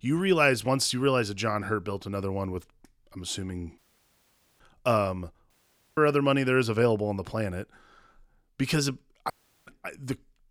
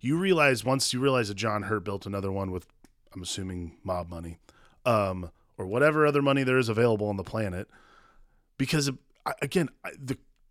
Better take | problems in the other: second | audio cutting out; at 4 s for 1 s, at 5.5 s and at 9.5 s

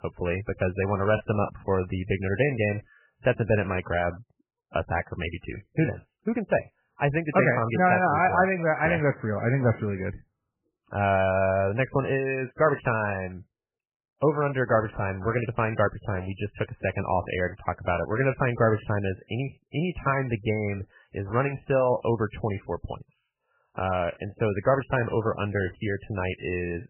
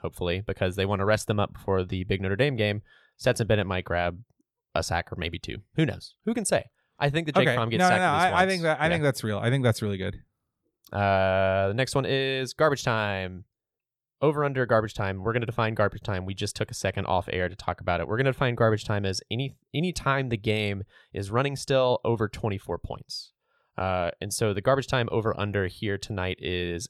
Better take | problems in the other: second | garbled, watery; badly; nothing above 3 kHz

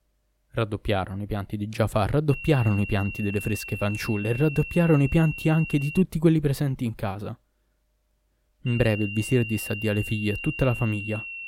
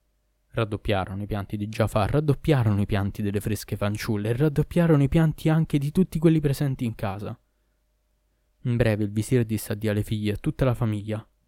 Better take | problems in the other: second | high-pitched whine; loud; from 2.5 to 6 s and from 8.5 s on; 3 kHz, 9 dB below the speech

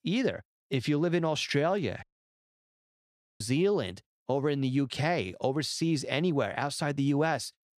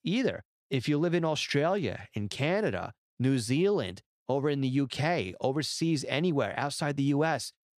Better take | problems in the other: second | audio cutting out; at 2 s for 1.5 s

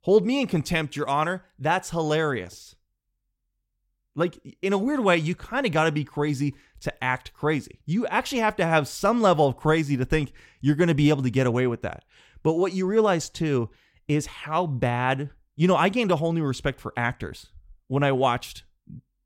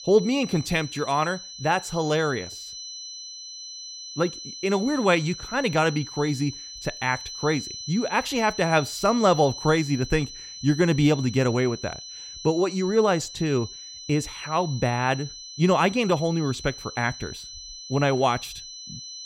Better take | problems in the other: first | high-pitched whine; noticeable; throughout; 4 kHz, 10 dB below the speech

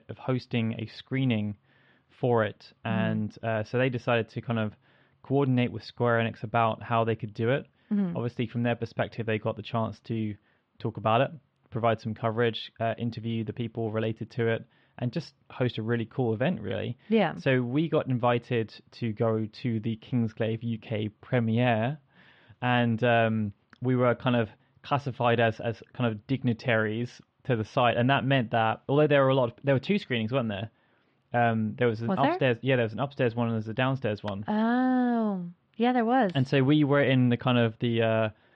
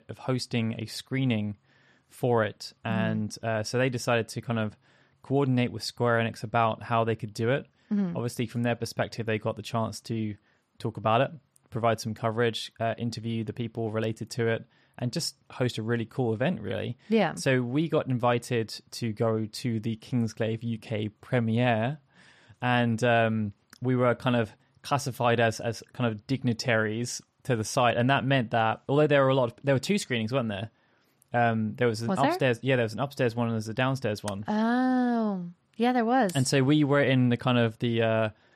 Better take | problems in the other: second | muffled; slightly; fading above 3.5 kHz

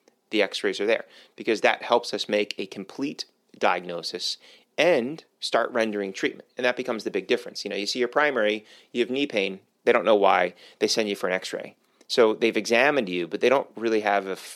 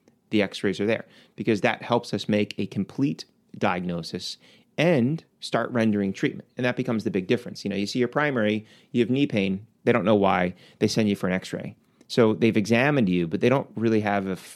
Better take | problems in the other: second | thin; somewhat; fading below 450 Hz

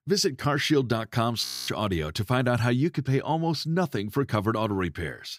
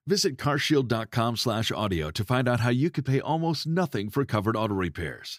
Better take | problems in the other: second | audio freezing; at 1.5 s

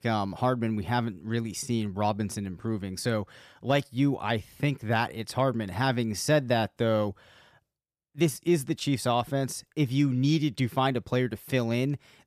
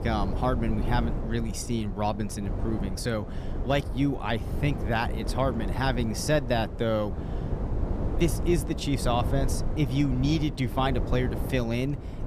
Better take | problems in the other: first | wind noise on the microphone; heavy; 10 dB below the speech

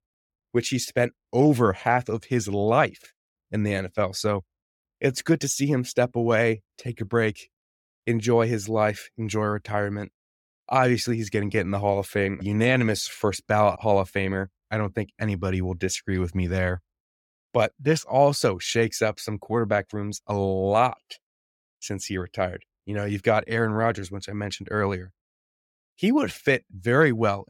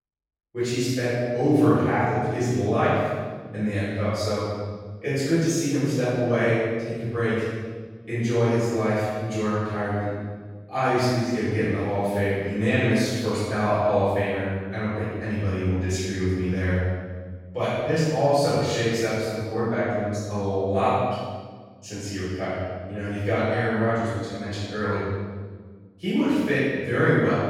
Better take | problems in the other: first | room echo; strong; dies away in 1.4 s // off-mic speech; far

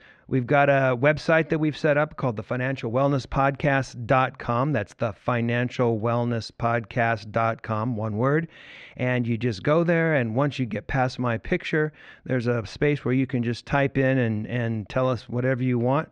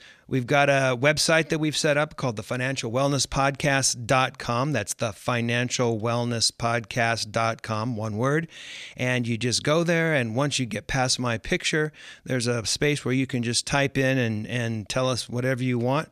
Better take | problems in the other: second | muffled; very; fading above 2 kHz

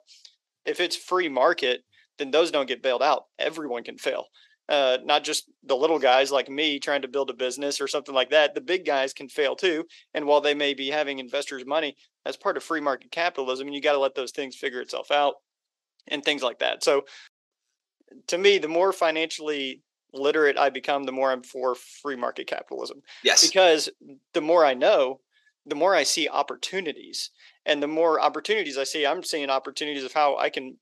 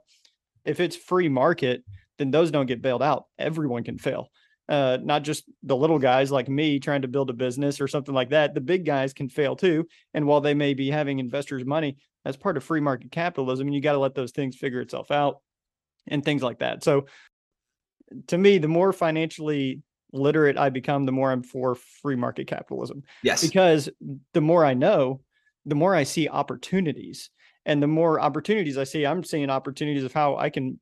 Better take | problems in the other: second | thin; somewhat; fading below 400 Hz

